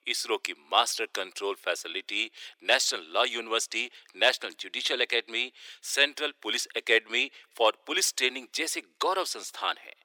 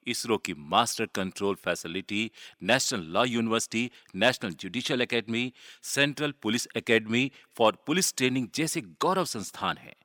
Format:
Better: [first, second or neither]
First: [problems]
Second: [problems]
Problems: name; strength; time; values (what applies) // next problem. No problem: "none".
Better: second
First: thin; very; fading below 350 Hz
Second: none